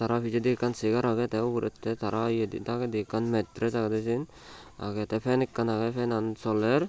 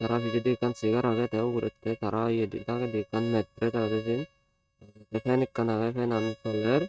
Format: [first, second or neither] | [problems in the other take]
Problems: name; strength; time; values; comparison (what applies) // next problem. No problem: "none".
first | noise reduction (neural mask model RNNoise)